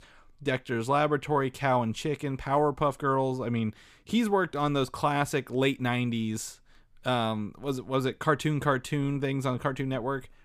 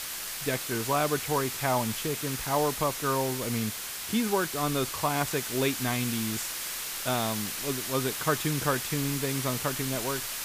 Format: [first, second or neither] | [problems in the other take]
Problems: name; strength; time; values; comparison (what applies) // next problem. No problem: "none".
first | hiss; loud; throughout; 2 dB below the speech